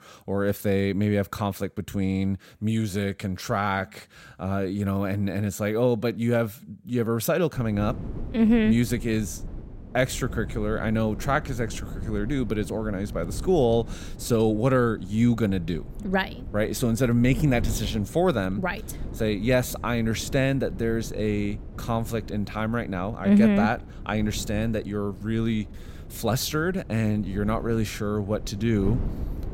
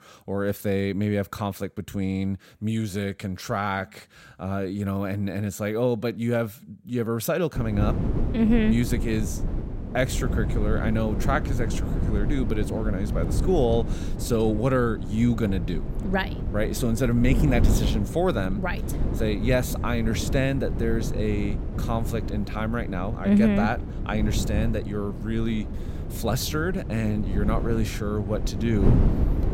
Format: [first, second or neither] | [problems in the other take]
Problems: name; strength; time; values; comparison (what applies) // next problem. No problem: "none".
first | wind noise on the microphone; heavy; from 7.5 s on; 9 dB below the speech; occasional gusts in the first